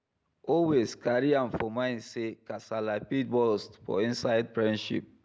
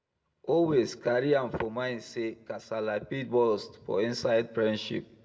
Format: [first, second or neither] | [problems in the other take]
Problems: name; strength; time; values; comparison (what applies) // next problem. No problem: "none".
first | room echo; dies away in 0.5 s